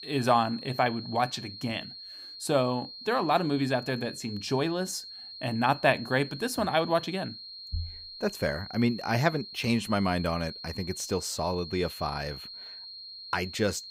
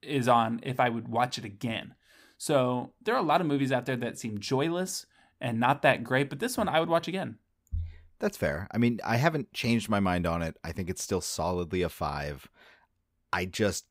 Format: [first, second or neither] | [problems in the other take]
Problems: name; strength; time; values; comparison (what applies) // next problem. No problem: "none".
second | high-pitched whine; noticeable; throughout; 4 kHz, 10 dB below the speech